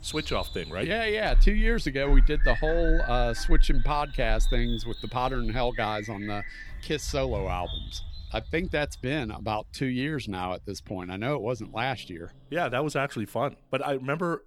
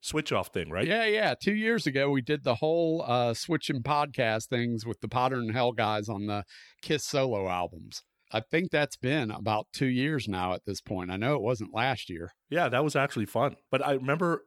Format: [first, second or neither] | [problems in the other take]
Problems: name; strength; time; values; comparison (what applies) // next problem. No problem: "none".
second | animal sounds; loud; throughout; 3 dB below the speech